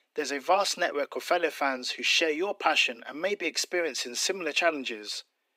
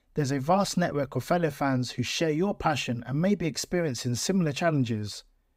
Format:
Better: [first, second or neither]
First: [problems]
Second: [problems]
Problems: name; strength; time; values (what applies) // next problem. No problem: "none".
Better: second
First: thin; very; fading below 350 Hz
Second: none